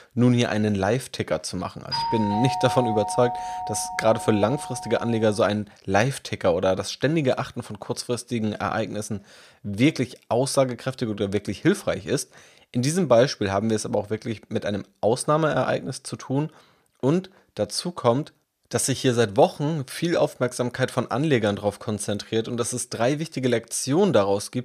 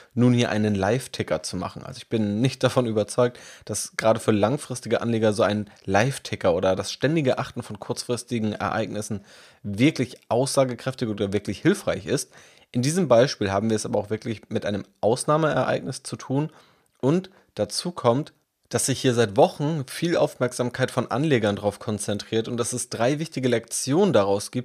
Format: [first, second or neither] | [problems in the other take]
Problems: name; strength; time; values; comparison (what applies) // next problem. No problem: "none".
second | doorbell; noticeable; from 2 to 5 s; peak 2 dB below the speech